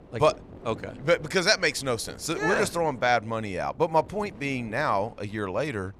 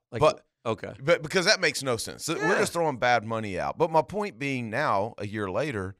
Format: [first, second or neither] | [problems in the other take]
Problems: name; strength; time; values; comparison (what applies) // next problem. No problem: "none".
second | wind noise on the microphone; occasional gusts; 25 dB below the speech